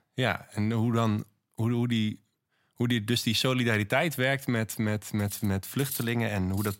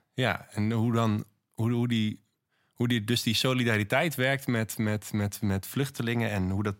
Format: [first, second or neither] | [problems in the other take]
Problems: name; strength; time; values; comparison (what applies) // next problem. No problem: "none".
second | clattering dishes; noticeable; from 5 s on; peak 7 dB below the speech